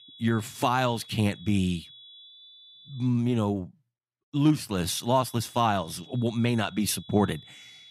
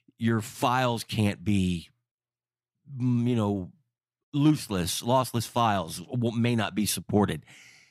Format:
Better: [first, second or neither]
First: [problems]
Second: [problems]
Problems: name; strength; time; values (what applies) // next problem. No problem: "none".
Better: second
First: high-pitched whine; faint; until 3 s and from 5 s on; 3.5 kHz, 20 dB below the speech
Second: none